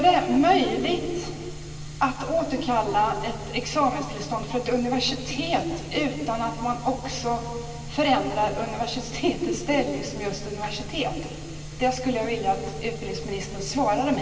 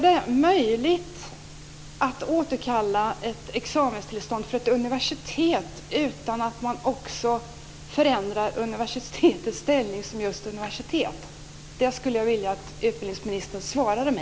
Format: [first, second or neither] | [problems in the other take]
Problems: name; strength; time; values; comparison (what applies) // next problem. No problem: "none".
second | room echo; dies away in 2.4 s